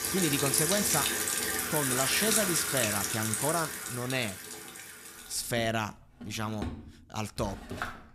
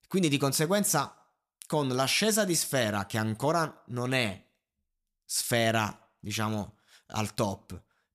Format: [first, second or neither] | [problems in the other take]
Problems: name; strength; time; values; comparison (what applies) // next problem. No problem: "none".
second | household noises; very loud; throughout; 3 dB above the speech